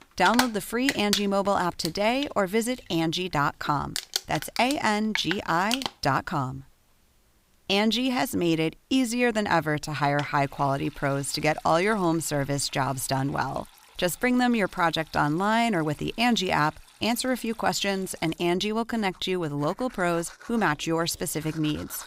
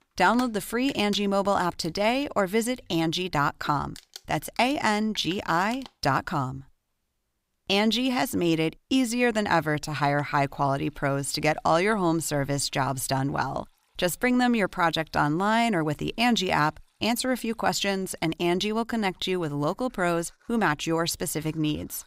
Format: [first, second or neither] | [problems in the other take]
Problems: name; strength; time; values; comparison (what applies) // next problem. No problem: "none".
second | household noises; loud; throughout; 8 dB below the speech; faint in the second